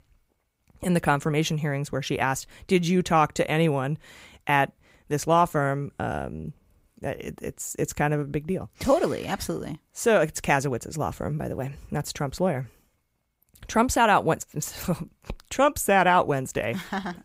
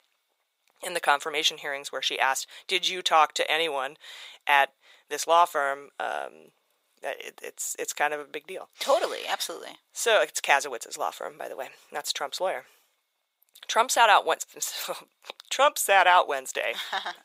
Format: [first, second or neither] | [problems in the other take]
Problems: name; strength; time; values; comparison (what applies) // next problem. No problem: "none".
first | thin; very; fading below 550 Hz